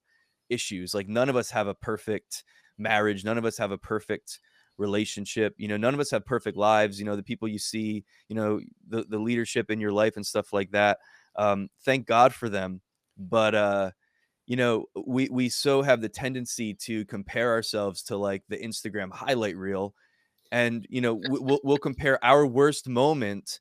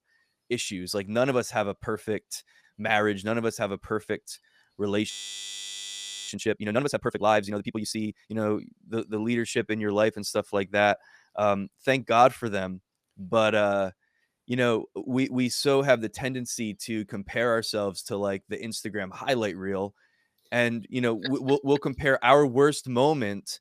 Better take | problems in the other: first | audio freezing; at 5 s for 1 s

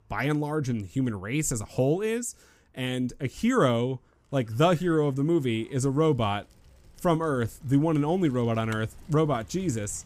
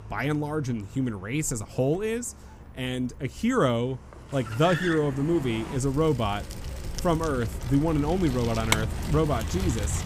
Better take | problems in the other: first | traffic noise; loud; throughout; 6 dB below the speech; faint in the first

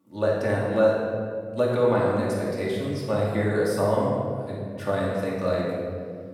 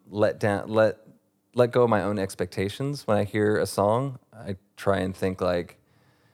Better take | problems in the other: second | off-mic speech; far // room echo; strong; dies away in 1.9 s

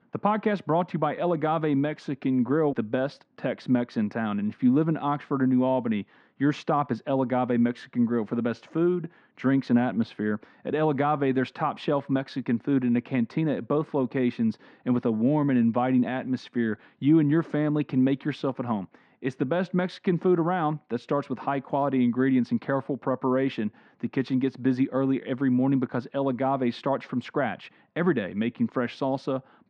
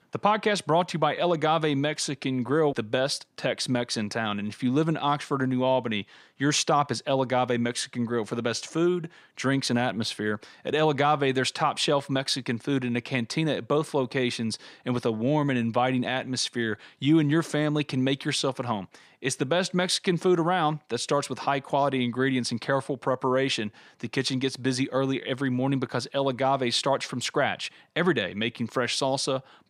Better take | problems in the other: second | muffled; very; fading above 2 kHz

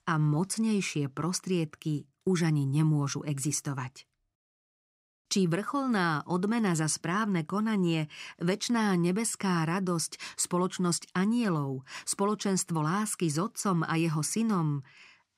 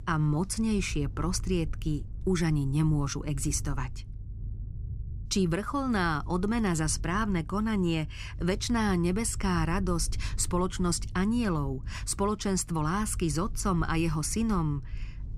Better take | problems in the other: first | low rumble; faint; throughout; 25 dB below the speech

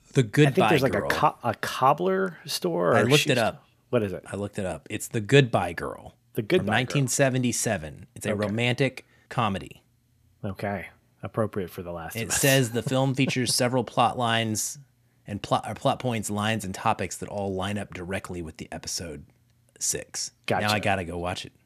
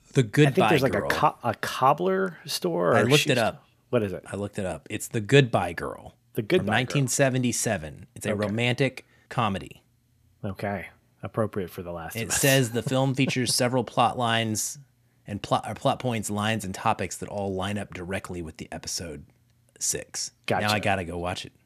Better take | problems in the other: neither | none

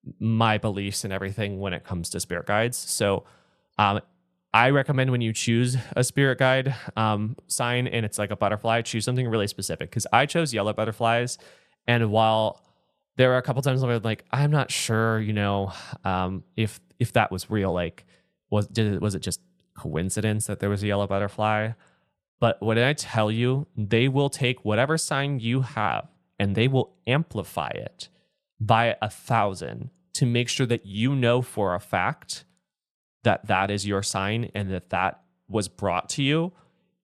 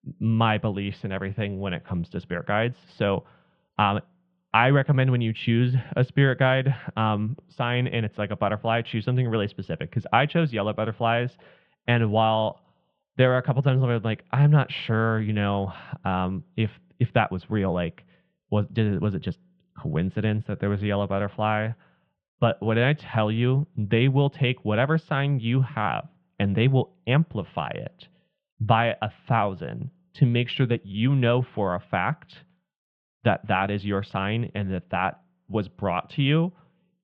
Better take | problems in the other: first | muffled; very; fading above 3 kHz

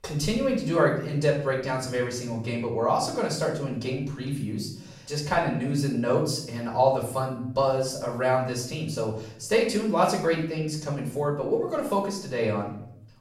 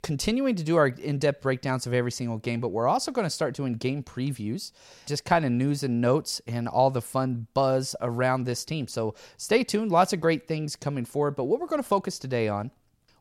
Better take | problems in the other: second | off-mic speech; far // room echo; noticeable; dies away in 0.6 s

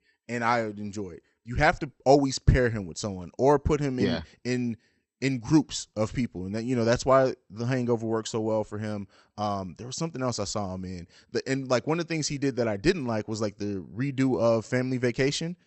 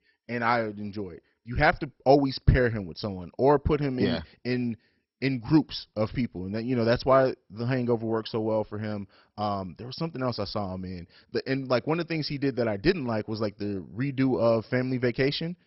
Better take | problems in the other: first | garbled, watery; badly; nothing above 5.5 kHz; slightly in the first

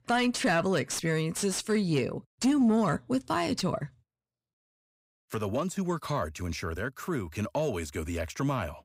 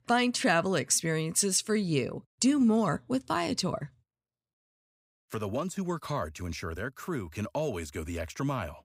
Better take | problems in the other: second | distortion; slight; 10 dB below the speech

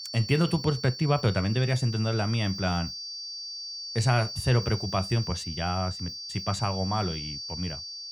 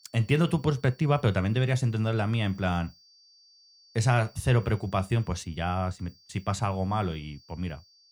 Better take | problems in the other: second | high-pitched whine; loud; throughout; 4.5 kHz, 7 dB below the speech; faint in the second

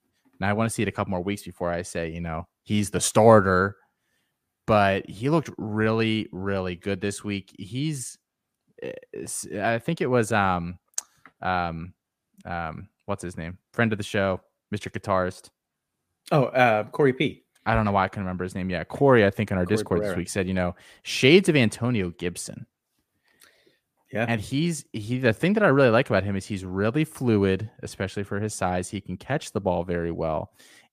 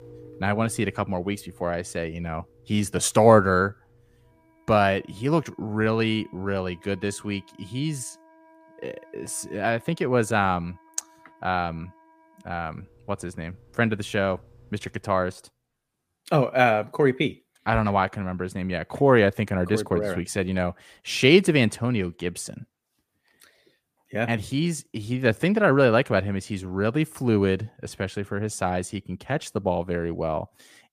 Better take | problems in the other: first | background music; faint; until 15 s; 30 dB below the speech

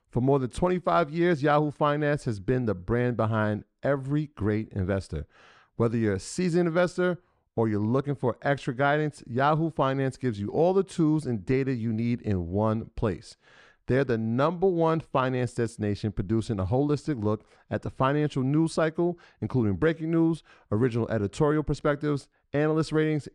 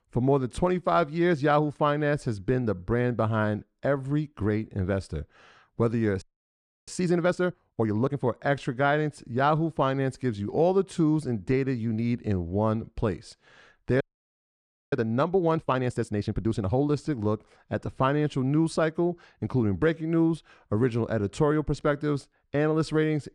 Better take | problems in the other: first | audio freezing; at 6 s for 0.5 s and at 14 s for 1 s

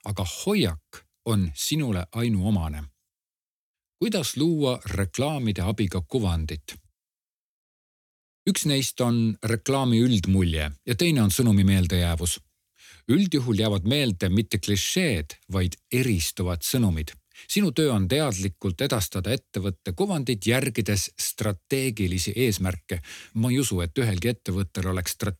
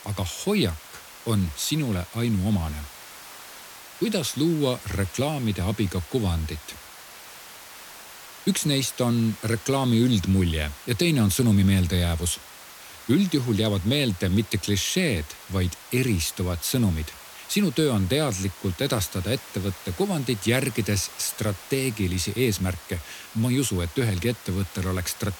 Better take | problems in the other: first | hiss; noticeable; throughout; 15 dB below the speech

